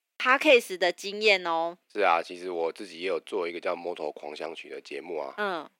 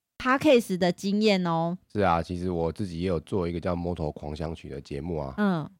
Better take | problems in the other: second | thin; very; fading below 350 Hz

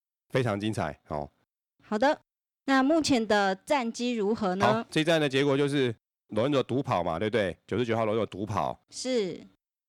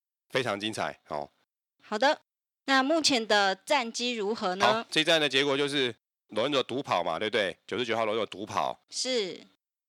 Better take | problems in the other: first | thin; very slightly; fading below 500 Hz

